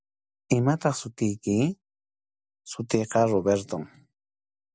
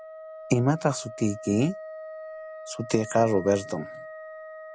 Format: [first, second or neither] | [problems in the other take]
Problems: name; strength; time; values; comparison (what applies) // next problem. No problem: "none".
first | background sound (Wind instrument, woodwind instrument); 13 dB below the speech